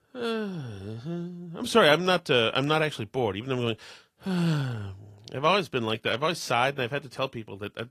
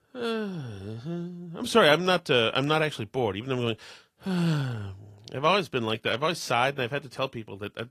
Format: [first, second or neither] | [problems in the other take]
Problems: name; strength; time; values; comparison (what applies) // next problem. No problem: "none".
neither | garbled, watery; slightly; nothing above 14.5 kHz; the same in both